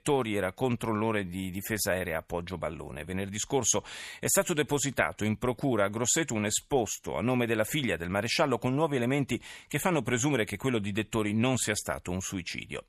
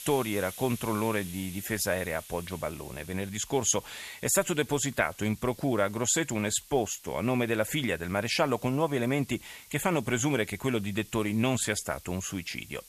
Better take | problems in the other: first | hiss; noticeable; throughout; 20 dB below the speech

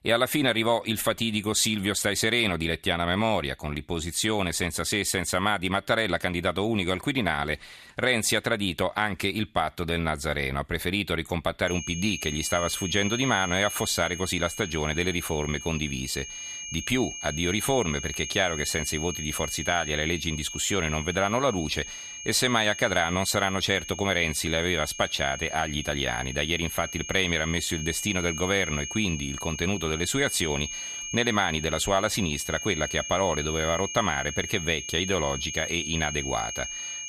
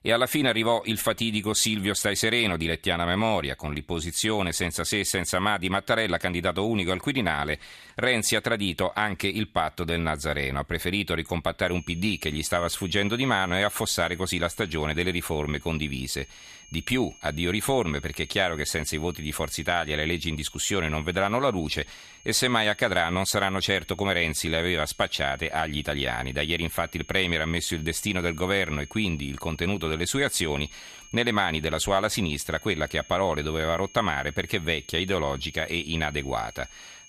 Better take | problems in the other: second | high-pitched whine; loud; from 12 s on; 6.5 kHz, 8 dB below the speech; faint in the second

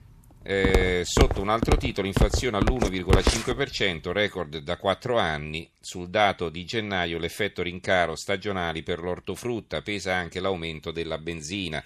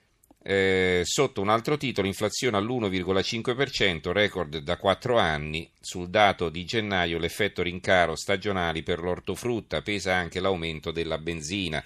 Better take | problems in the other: second | footsteps; loud; from 0.5 to 3.5 s; peak 4 dB above the speech

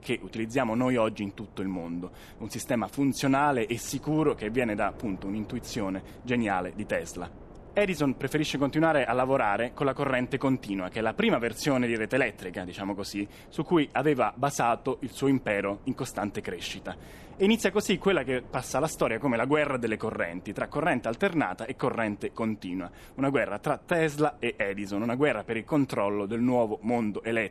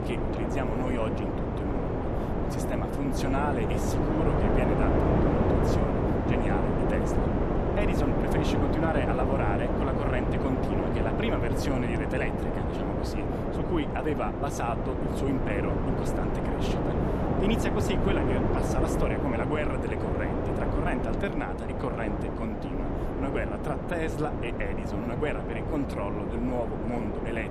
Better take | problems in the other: first | wind noise on the microphone; heavy; 2 dB above the speech; occasional gusts in the first

